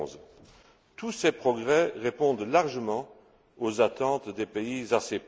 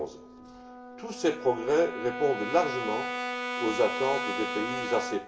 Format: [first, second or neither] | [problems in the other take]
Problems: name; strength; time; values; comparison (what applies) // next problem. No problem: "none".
first | background sound (Brass instrument); 5 dB below the speech // room echo; dies away in 0.3 s